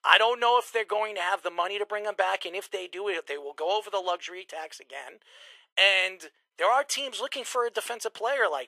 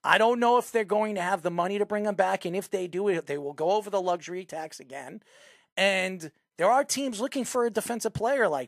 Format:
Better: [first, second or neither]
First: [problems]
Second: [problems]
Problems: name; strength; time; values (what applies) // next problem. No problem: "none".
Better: second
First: thin; very; fading below 400 Hz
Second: none